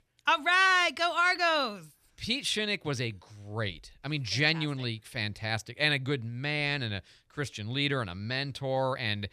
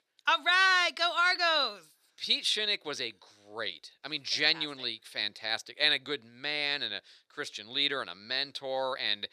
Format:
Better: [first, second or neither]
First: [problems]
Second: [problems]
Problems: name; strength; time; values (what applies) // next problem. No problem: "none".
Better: first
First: none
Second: thin; somewhat; fading below 400 Hz